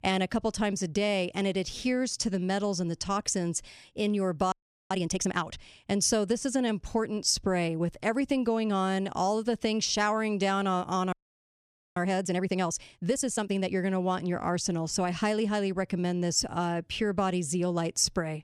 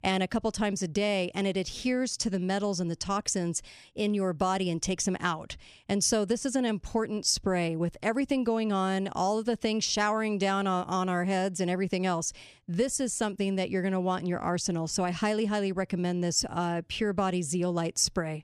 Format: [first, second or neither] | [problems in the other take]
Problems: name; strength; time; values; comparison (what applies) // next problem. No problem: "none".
second | audio freezing; at 4.5 s and at 11 s for 1 s